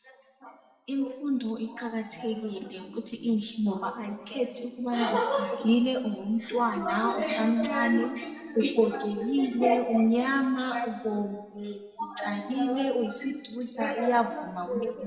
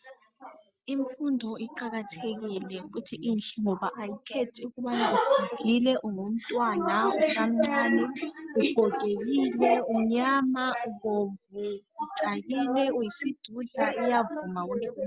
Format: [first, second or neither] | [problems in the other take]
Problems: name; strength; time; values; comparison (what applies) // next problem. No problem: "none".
second | room echo; dies away in 1.5 s